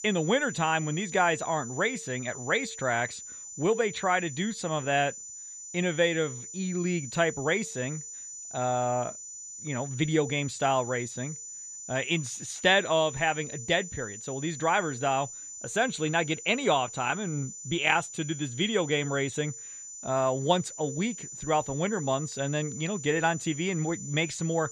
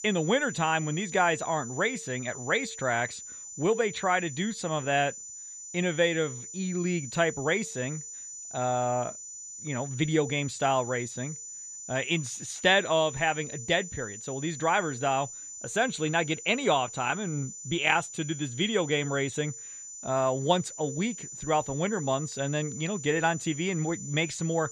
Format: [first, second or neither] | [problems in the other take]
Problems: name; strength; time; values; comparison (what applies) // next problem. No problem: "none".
neither | high-pitched whine; noticeable; throughout; 7 kHz, 10 dB below the speech; the same in both